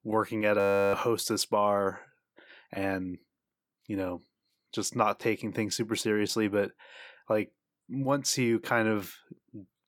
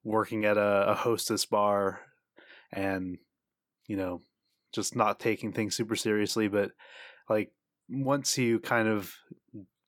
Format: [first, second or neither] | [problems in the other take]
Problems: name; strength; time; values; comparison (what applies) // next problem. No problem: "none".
second | audio freezing; at 0.5 s